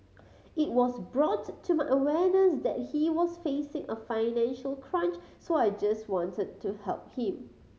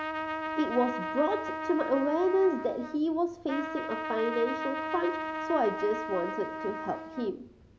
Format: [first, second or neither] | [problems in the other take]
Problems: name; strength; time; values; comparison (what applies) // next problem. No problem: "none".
first | background sound (Trumpet); 5 dB below the speech